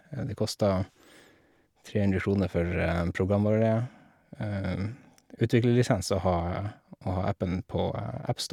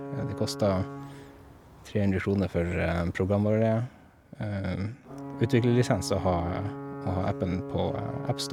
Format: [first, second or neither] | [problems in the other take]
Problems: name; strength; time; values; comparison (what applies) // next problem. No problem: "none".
first | background sound (Alarm / Ocean / Boat, Water vehicle); 12 dB below the speech